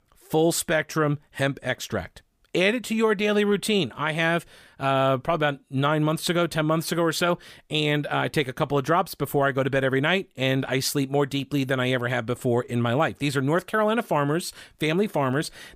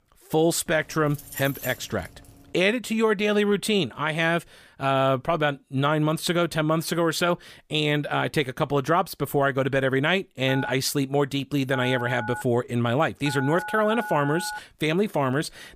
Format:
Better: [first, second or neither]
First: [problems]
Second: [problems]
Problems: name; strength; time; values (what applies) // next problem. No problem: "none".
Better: first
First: none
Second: jangling keys; faint; from 0.5 to 2.5 s; peak 10 dB below the speech // phone ringing; noticeable; from 10 to 15 s; peak 8 dB below the speech